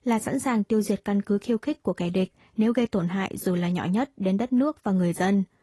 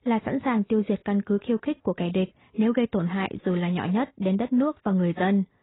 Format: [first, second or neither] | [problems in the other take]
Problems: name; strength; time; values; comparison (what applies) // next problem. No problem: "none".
first | garbled, watery; badly; nothing above 4 kHz; slightly in the first